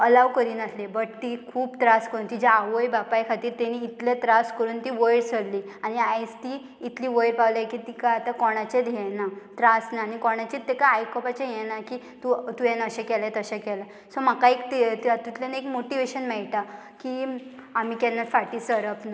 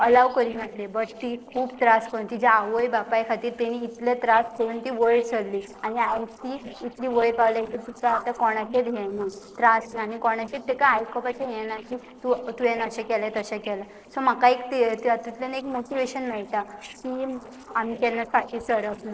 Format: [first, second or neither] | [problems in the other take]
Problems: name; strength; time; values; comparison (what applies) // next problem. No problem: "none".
first | noise reduction (neural separator model SepFormer DNS4)